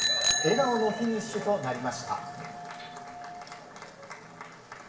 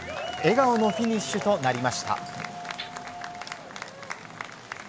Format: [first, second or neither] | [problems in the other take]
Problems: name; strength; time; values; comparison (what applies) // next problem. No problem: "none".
second | background sound (Bicycle bell); 4 dB below the speech // room echo; dies away in 0.8 s